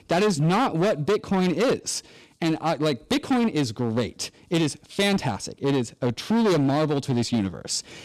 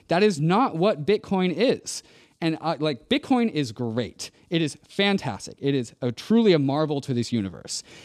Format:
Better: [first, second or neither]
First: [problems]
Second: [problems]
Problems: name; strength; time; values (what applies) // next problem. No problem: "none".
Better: second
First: distortion; heavy; 15% of the sound clipped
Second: none